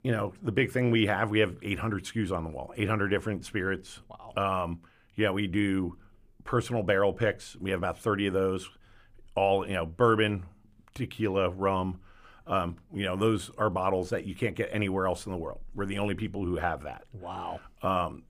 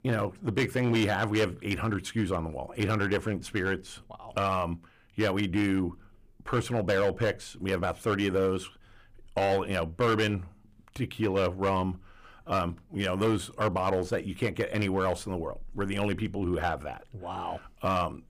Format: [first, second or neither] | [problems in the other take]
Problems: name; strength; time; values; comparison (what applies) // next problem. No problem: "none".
first | distortion; slight; 5% of the sound clipped